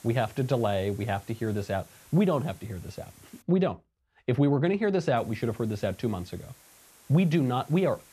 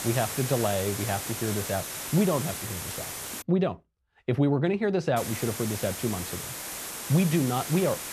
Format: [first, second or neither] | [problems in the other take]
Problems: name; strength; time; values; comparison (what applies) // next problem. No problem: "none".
first | hiss; loud; until 3.5 s and from 5 s on; 6 dB below the speech; faint in the first